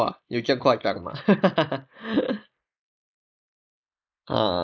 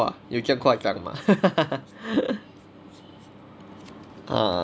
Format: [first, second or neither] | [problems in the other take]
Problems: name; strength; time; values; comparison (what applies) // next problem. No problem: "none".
second | noise reduction (neural mask model Resemble Enhance denoiser)